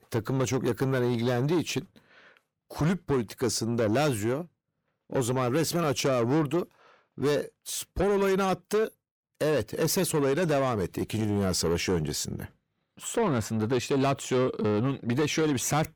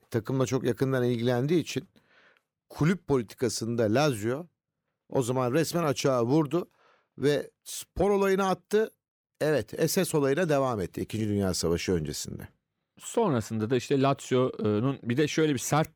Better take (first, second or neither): second